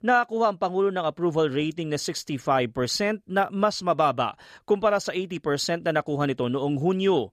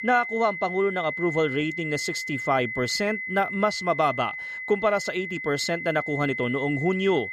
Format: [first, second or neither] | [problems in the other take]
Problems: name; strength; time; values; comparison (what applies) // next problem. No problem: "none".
first | high-pitched whine; loud; throughout; 2 kHz, 5 dB below the speech